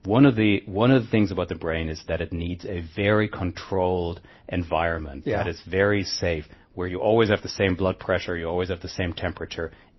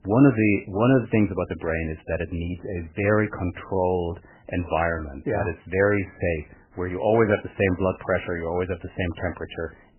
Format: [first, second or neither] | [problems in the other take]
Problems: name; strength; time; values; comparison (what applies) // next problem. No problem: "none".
first | garbled, watery; badly; nothing above 3 kHz; slightly in the first